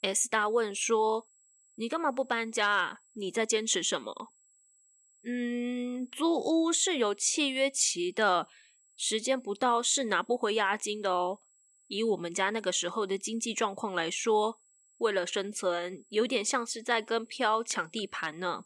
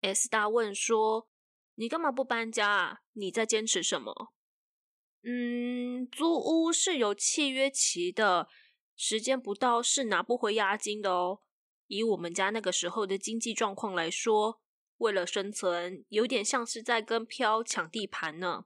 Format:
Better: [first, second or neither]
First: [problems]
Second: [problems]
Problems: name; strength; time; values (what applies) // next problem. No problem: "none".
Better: second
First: high-pitched whine; faint; throughout; 8 kHz, 35 dB below the speech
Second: none